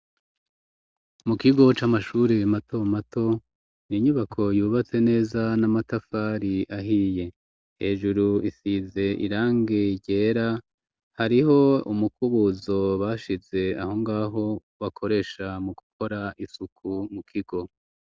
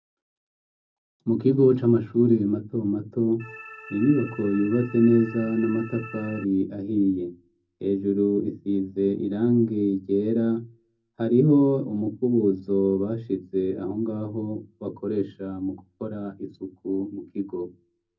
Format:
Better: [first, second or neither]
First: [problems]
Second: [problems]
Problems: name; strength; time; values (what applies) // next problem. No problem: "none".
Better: first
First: none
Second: background sound (Organ); 17 dB below the speech // room echo; dies away in 0.4 s